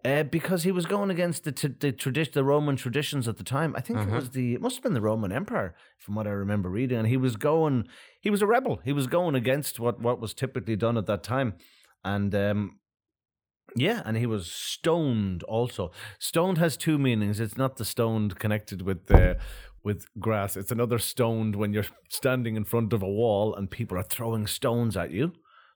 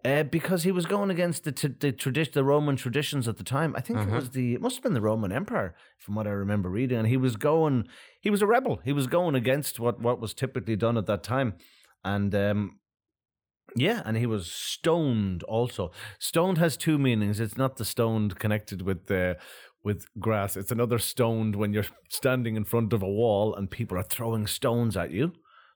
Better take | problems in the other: second | door banging; loud; at 19 s; peak 6 dB above the speech

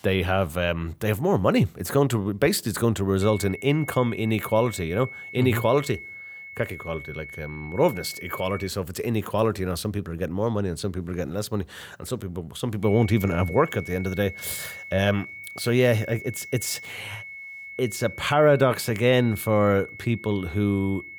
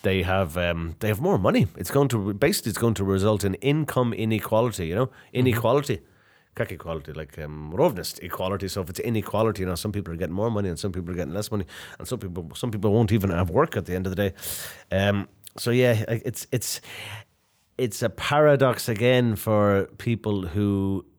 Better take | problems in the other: second | high-pitched whine; noticeable; from 3 to 8.5 s and from 13 s on; 2 kHz, 15 dB below the speech

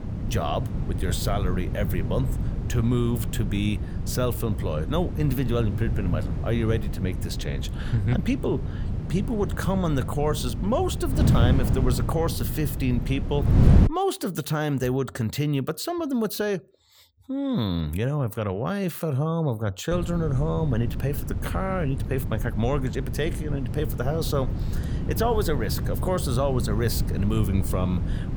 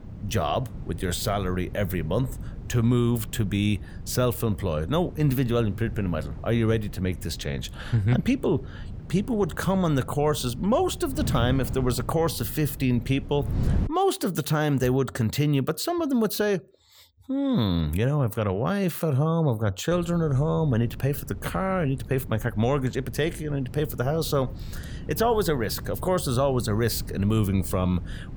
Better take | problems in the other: second | wind noise on the microphone; heavy; until 14 s and from 20 s on; 9 dB below the speech; occasional gusts in the second

